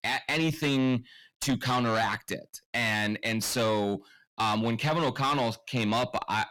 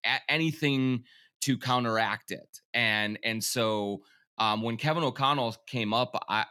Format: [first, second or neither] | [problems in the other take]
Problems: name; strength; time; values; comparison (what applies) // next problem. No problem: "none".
second | distortion; heavy; 7 dB below the speech